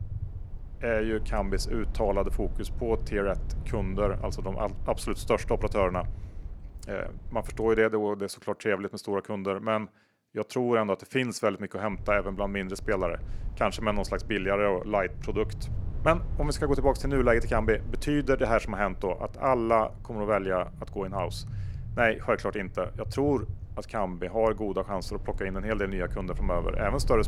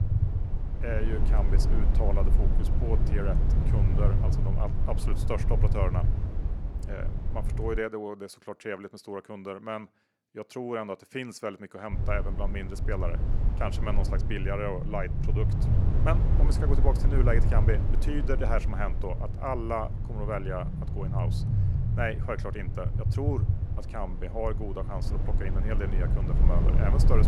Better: first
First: low rumble; faint; until 8 s and from 12 s on; 25 dB below the speech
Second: low rumble; loud; until 8 s and from 12 s on; 7 dB below the speech

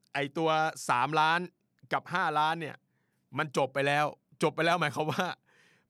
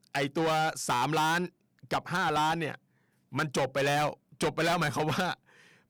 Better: first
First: none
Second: distortion; heavy; 16% of the sound clipped

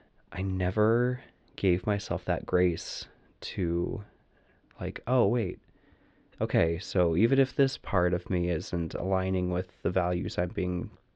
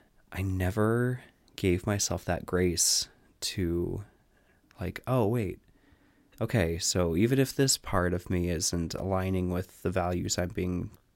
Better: second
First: muffled; slightly; fading above 4 kHz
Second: none

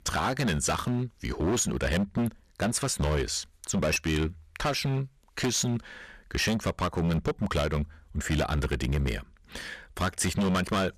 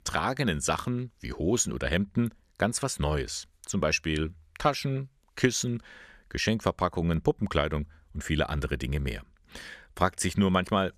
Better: second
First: distortion; heavy; 15% of the sound clipped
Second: none

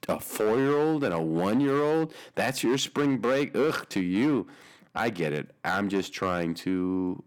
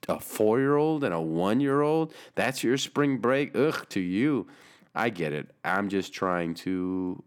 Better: second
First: distortion; slight; 7% of the sound clipped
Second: none

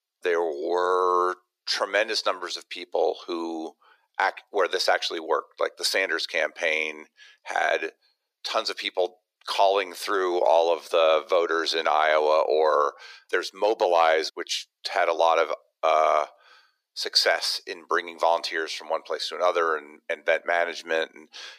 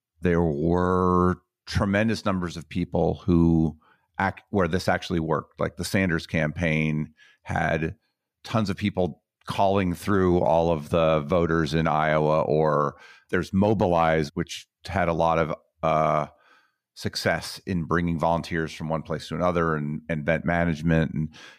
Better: second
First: thin; very; fading below 400 Hz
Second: none

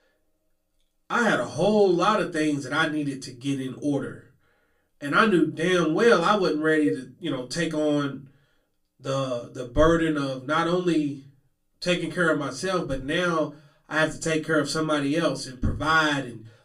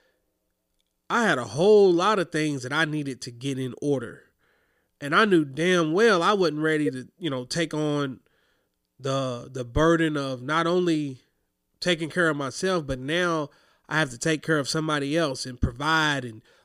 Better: second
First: off-mic speech; far // room echo; very slight; dies away in 0.2 s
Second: none

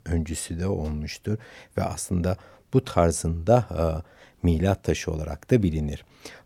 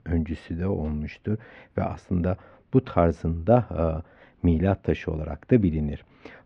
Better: first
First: none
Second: muffled; very; fading above 2.5 kHz

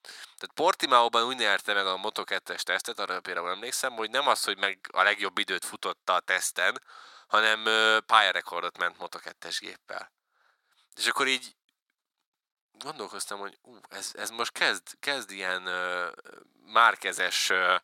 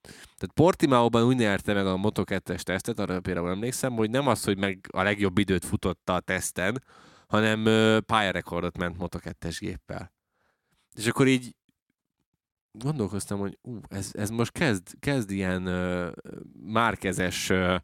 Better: second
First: thin; very; fading below 750 Hz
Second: none

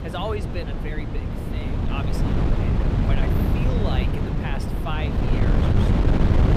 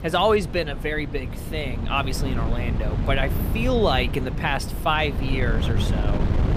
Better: second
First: wind noise on the microphone; heavy; 3 dB above the speech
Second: wind noise on the microphone; occasional gusts; 10 dB below the speech

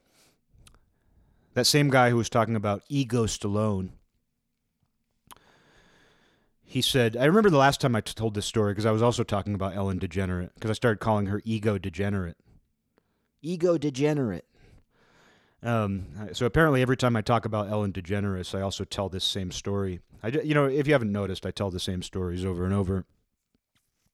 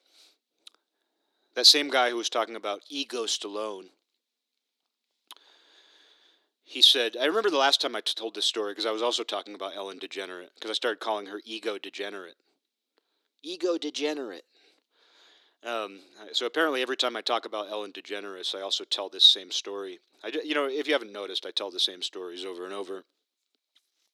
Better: first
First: none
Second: thin; somewhat; fading below 300 Hz

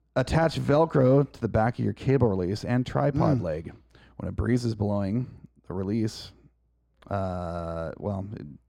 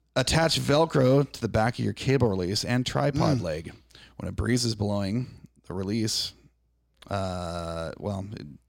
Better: second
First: muffled; slightly; fading above 2 kHz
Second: none

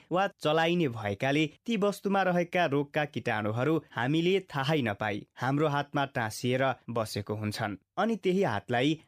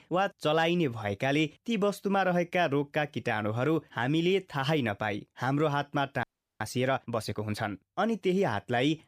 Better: first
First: none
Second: audio freezing; at 6 s

